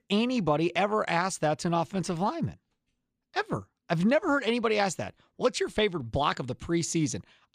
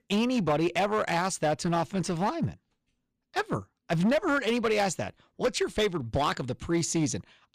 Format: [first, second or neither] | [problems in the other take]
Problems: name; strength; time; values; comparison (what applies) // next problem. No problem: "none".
first | distortion; slight; 6% of the sound clipped